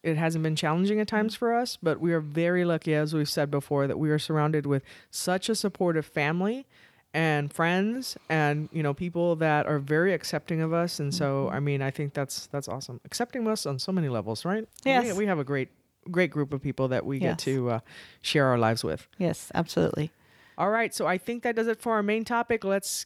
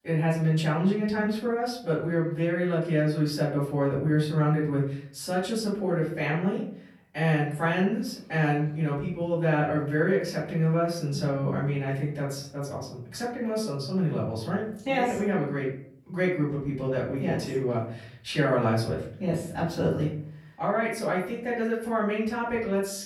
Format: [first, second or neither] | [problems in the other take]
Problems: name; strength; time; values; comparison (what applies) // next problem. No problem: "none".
first | off-mic speech; far // room echo; noticeable; dies away in 0.6 s